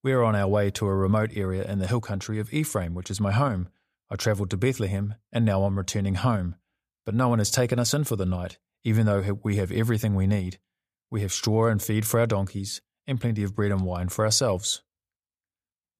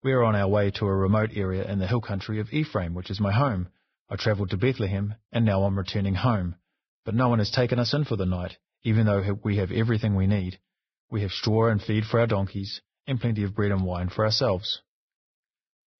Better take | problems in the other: first | garbled, watery; badly; nothing above 5.5 kHz

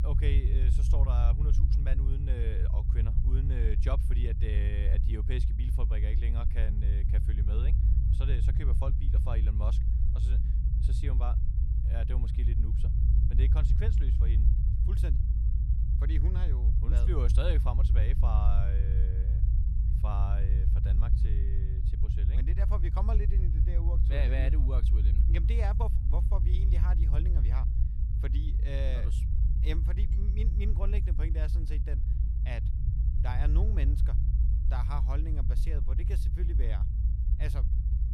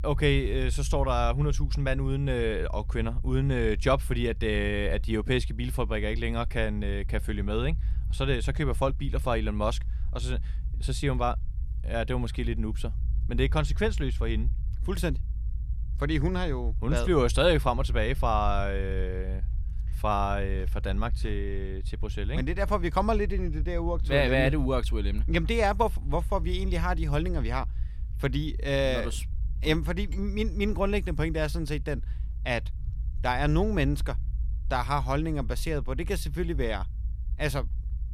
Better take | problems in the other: second | low rumble; loud; throughout; 3 dB below the speech; faint in the second

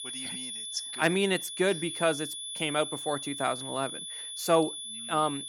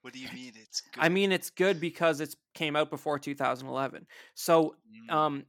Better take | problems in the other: second | high-pitched whine; loud; throughout; 3.5 kHz, 6 dB below the speech

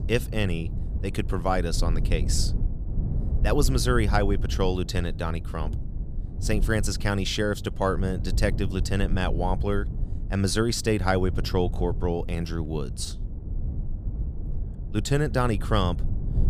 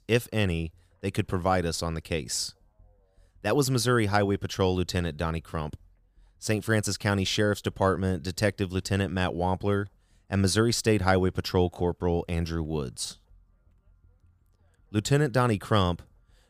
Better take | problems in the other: second | low rumble; noticeable; throughout; 15 dB below the speech

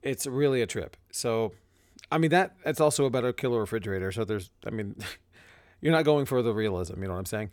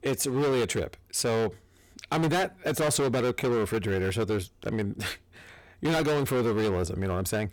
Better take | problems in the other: first | distortion; heavy; 19% of the sound clipped

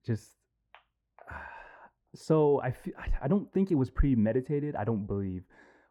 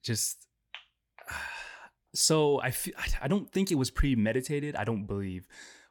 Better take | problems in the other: second | muffled; very; fading above 2.5 kHz

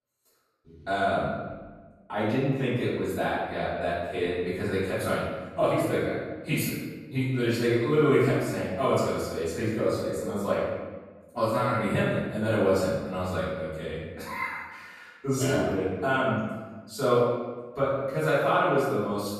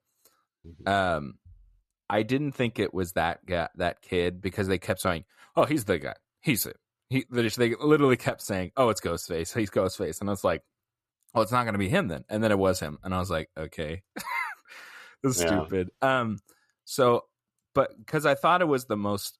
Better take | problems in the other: second | off-mic speech; far // room echo; strong; dies away in 1.2 s

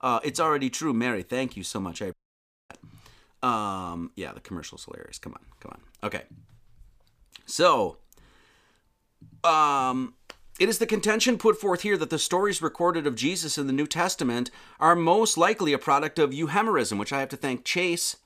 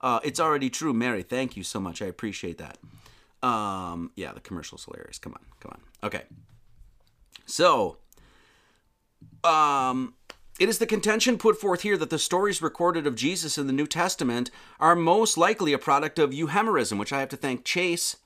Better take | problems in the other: second | audio cutting out; at 2 s for 0.5 s

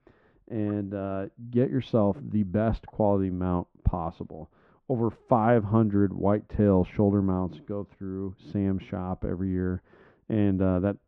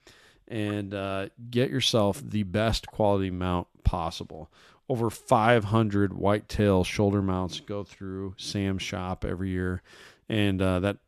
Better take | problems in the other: second | muffled; very; fading above 1 kHz

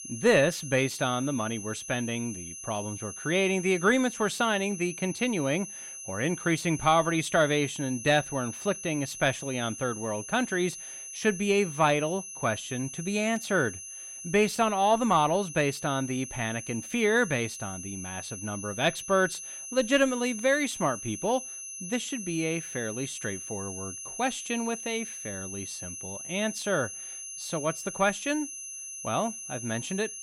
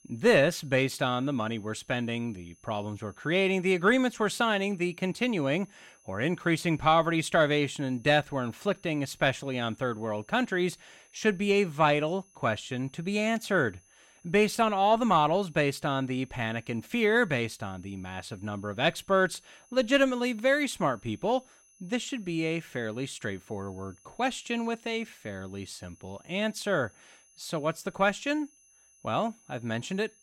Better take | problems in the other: second | high-pitched whine; loud; throughout; 6.5 kHz, 10 dB below the speech; faint in the second

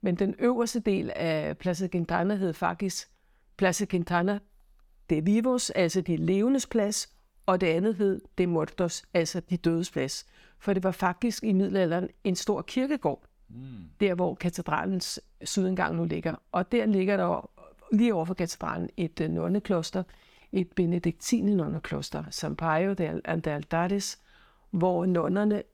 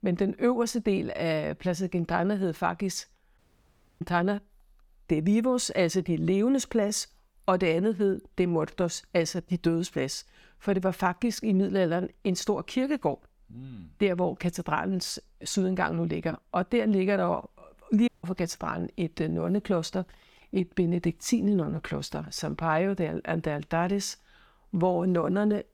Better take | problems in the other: first | audio cutting out; at 3.5 s for 0.5 s and at 18 s

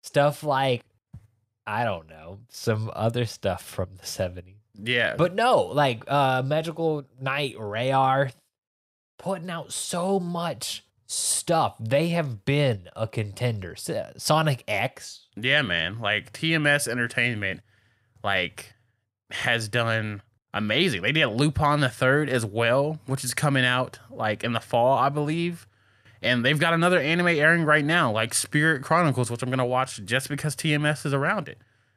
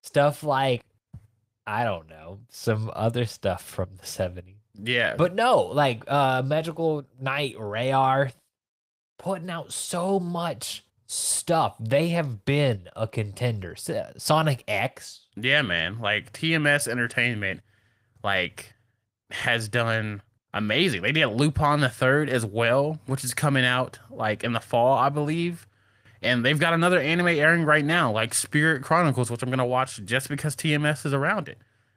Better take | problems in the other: first | garbled, watery; slightly; nothing above 15.5 kHz

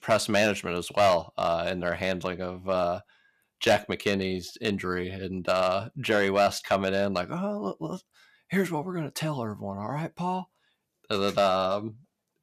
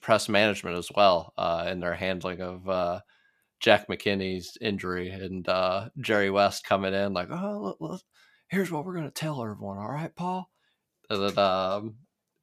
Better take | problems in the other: second | distortion; slight; 1.4% of the sound clipped

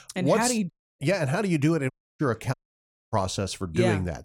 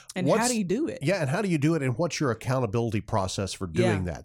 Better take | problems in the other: second | audio cutting out; at 0.5 s, at 2 s and at 2.5 s for 0.5 s

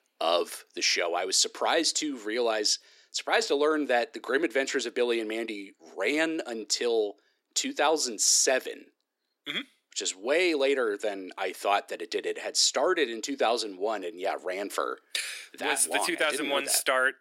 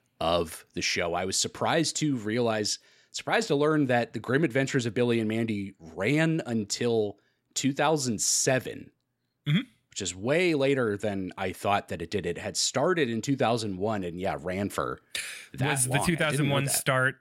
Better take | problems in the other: second | thin; somewhat; fading below 300 Hz

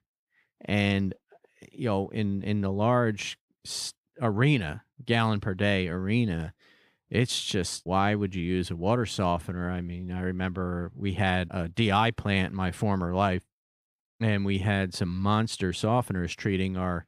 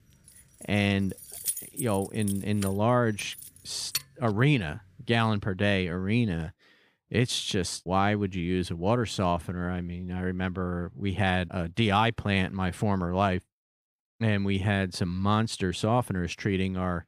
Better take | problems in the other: first | jangling keys; noticeable; from 0.5 to 4 s; peak 3 dB below the speech

